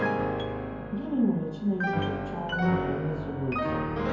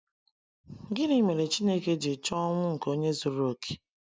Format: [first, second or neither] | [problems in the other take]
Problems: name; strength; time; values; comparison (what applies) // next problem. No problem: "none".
second | background sound (Piano); as loud as the speech // room echo; dies away in 0.9 s